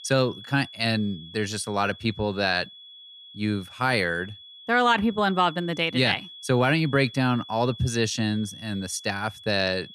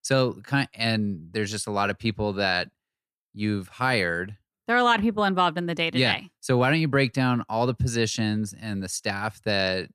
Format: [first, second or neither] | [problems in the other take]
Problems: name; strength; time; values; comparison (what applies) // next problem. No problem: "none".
second | high-pitched whine; noticeable; throughout; 3.5 kHz, 15 dB below the speech